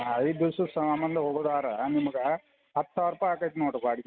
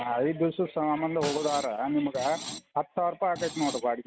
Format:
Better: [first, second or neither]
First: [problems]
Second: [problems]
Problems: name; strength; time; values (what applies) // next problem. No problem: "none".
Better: first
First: none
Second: background sound (Screech + Snare drum); 11 dB below the speech